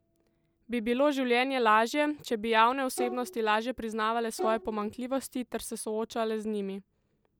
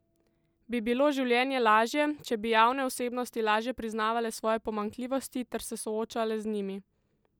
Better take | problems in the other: second | background sound (Bowed string instrument); 11 dB below the speech

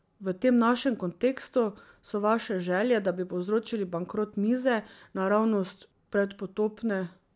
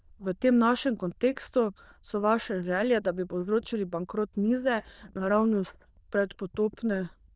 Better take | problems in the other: first | noise reduction (neural diffusion model UNIVERSE++)

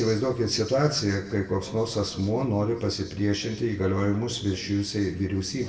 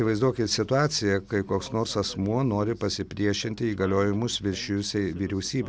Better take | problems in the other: second | room echo; dies away in 0.8 s

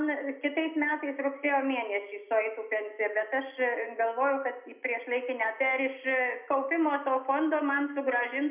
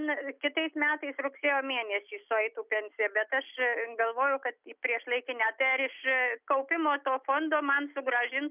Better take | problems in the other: second | room echo; dies away in 0.5 s

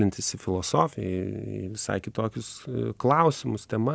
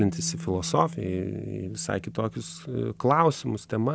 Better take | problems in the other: first | background sound (Bass guitar); 14 dB below the speech

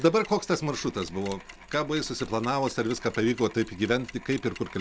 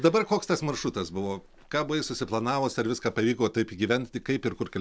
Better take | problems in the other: second | background sound (Mechanisms); 18 dB below the speech

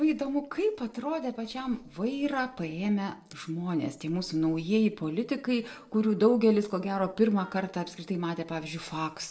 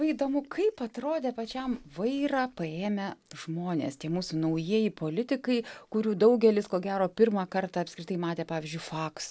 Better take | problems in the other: second | noise reduction (neural separator model SepFormer DNS4)

